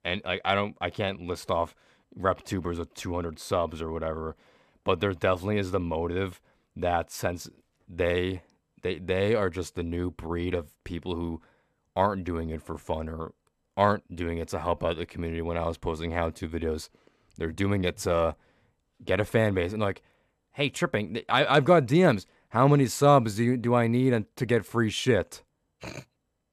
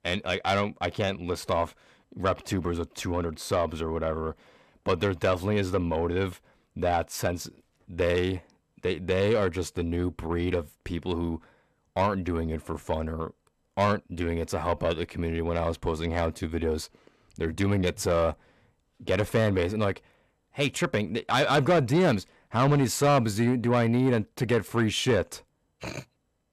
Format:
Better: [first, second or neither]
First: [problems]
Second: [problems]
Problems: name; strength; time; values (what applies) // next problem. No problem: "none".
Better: first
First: none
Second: distortion; slight; 10 dB below the speech